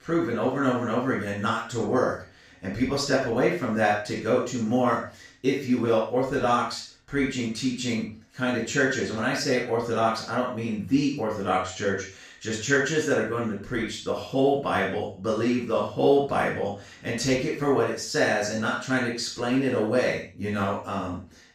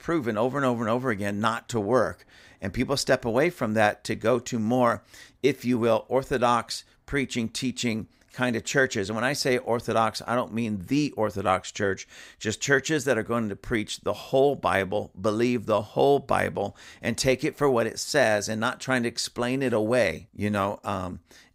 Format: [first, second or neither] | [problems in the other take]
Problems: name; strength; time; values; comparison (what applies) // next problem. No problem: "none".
second | room echo; noticeable; dies away in 0.4 s // off-mic speech; far